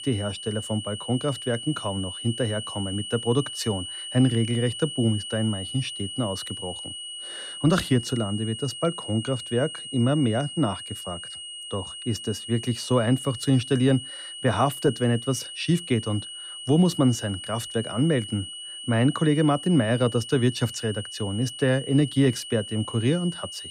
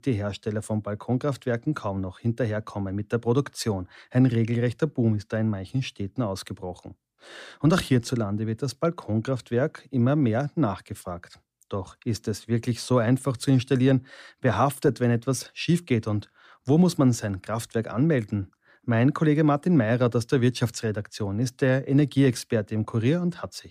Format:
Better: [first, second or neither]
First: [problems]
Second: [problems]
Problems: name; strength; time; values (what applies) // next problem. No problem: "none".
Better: second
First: high-pitched whine; loud; throughout; 3 kHz, 9 dB below the speech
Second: none